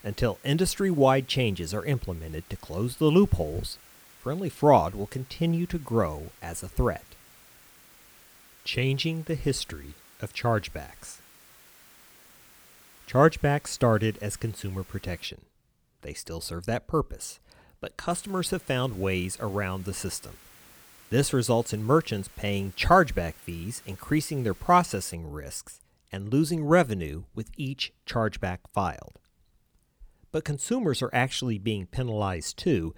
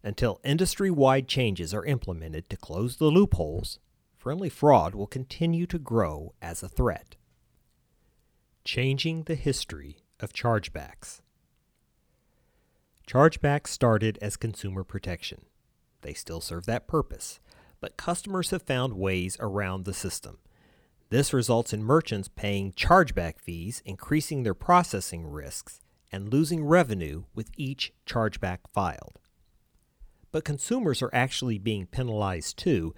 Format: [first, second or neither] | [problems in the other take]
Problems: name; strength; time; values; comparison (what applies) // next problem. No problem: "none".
second | hiss; faint; until 15 s and from 18 to 25 s; 25 dB below the speech